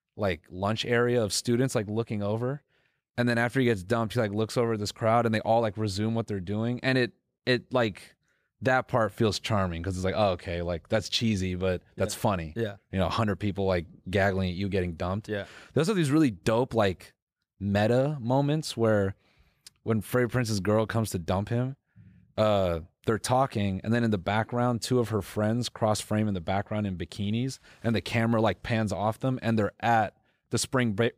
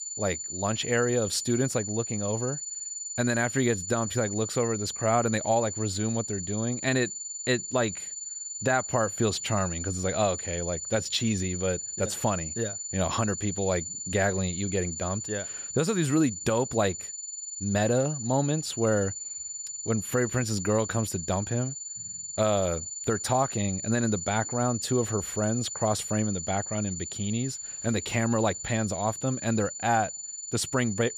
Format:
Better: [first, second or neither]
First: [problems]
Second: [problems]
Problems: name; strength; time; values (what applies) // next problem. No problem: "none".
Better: first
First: none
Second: high-pitched whine; loud; throughout; 7 kHz, 5 dB below the speech